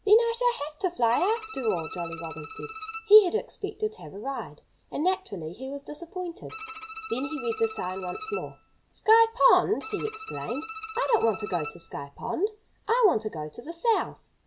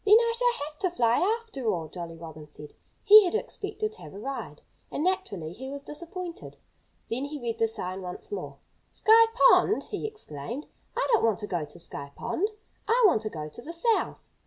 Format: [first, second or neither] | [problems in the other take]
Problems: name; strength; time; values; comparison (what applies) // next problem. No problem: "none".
second | background sound (Bowed string instrument); 13 dB below the speech